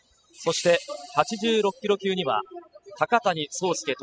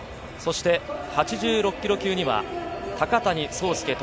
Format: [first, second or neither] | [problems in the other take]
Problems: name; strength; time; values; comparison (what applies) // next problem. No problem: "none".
second | noise reduction (classical method spectral subtraction)